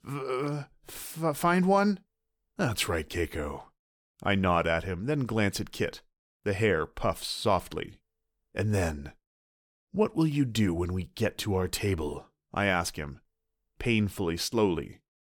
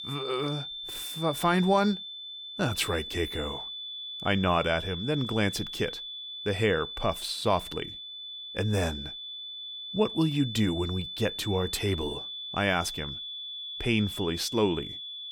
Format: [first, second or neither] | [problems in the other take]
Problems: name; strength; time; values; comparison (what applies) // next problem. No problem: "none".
first | high-pitched whine; loud; throughout; 3.5 kHz, 7 dB below the speech